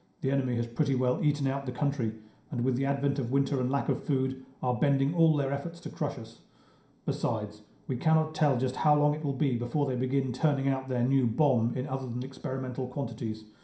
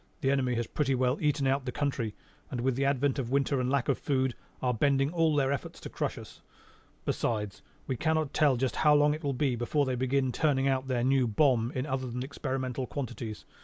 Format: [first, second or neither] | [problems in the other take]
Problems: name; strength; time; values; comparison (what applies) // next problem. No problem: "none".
second | room echo; dies away in 0.5 s